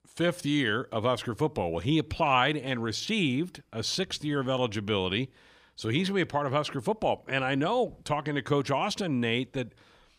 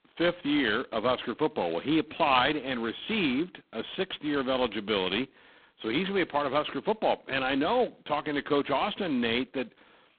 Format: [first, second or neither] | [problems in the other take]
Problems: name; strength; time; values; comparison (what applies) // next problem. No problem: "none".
first | phone-call audio; poor line; nothing above 3.5 kHz